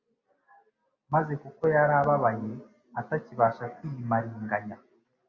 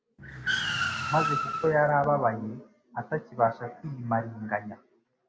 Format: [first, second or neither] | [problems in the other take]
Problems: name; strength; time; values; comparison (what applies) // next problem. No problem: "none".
first | background sound (Car); 3 dB below the speech